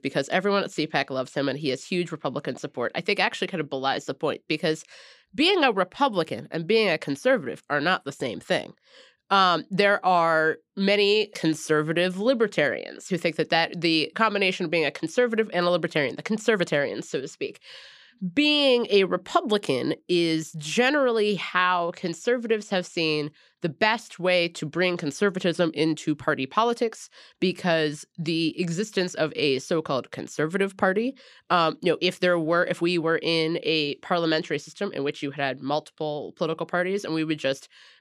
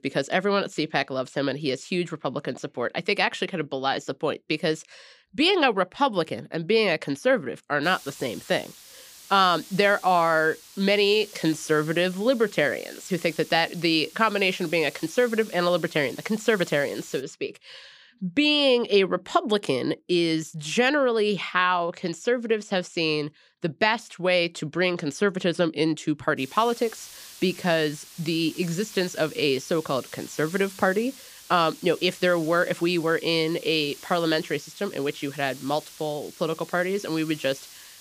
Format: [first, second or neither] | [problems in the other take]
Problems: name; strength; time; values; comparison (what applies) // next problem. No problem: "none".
first | hiss; noticeable; from 8 to 17 s and from 26 s on; 20 dB below the speech